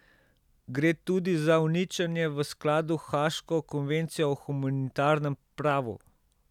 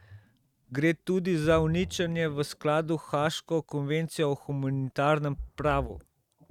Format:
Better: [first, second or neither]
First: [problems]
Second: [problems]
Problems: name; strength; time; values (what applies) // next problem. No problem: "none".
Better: first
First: none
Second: noise reduction (neural mask model RNNoise)